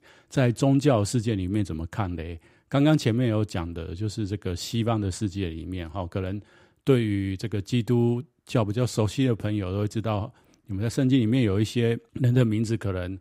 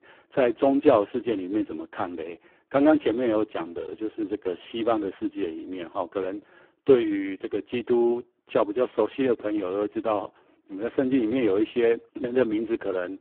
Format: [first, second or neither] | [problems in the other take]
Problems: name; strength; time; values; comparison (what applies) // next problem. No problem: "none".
first | phone-call audio; poor line